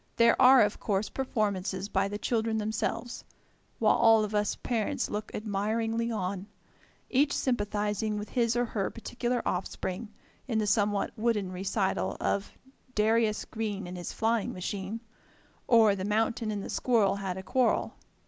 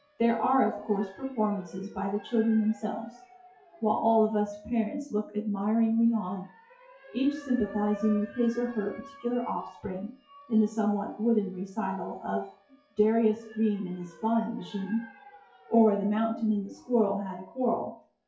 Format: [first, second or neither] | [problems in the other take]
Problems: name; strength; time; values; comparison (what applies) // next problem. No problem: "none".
first | noise reduction (classical method WPE with log-MMSE)